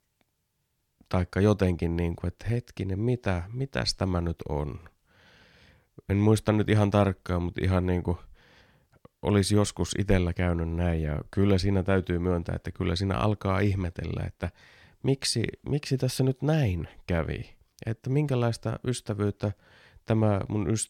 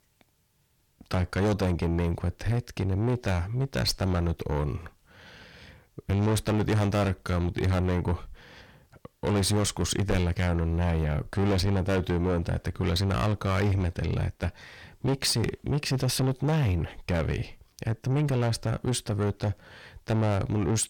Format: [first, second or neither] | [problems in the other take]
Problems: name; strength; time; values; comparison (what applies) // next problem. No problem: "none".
first | distortion; heavy; 6 dB below the speech